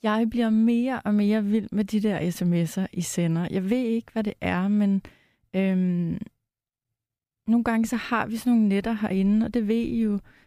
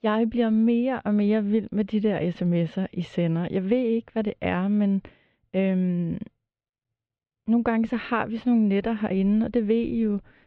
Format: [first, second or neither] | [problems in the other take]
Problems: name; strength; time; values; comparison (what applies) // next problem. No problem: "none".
first | muffled; very; fading above 3.5 kHz